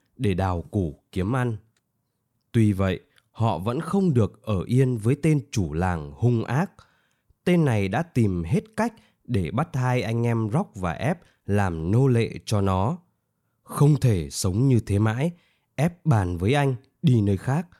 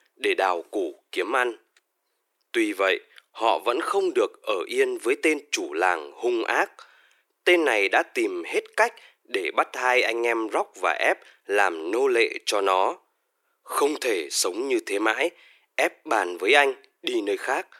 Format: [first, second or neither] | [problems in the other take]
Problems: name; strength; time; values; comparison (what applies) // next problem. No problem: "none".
first | thin; very; fading below 350 Hz